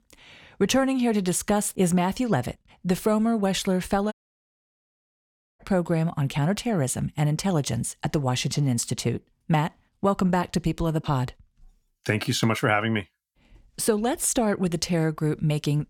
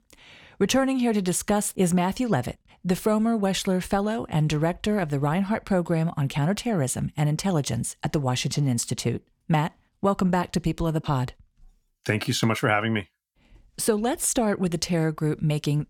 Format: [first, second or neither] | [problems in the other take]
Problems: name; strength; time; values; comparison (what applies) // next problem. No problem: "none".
second | audio cutting out; at 4 s for 1.5 s